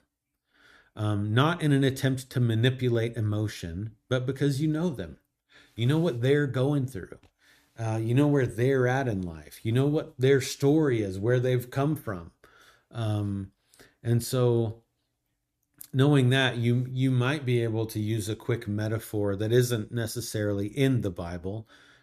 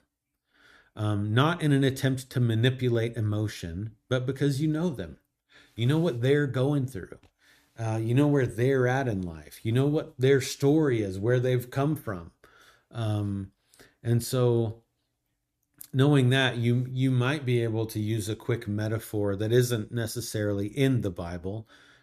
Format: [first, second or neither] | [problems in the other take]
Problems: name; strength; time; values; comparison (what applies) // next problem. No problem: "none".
neither | none